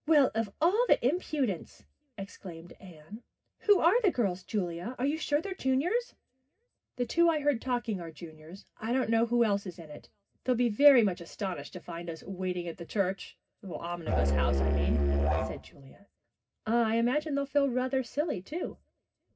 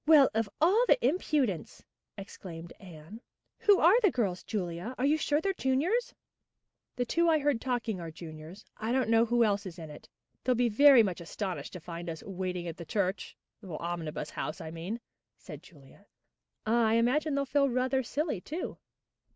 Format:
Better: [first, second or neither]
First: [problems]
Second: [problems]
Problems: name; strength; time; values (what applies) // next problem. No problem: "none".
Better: second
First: background sound (Musical instrument); 3 dB above the speech // room echo; dies away in 0.4 s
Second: none